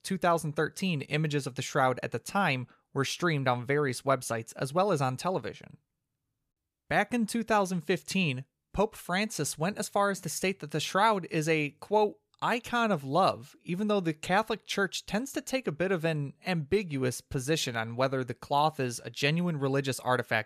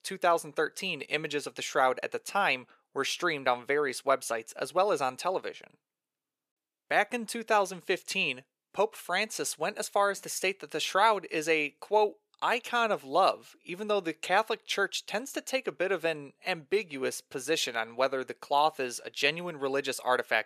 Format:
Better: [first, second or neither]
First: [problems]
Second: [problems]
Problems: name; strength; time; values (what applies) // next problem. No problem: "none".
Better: first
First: none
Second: thin; somewhat; fading below 450 Hz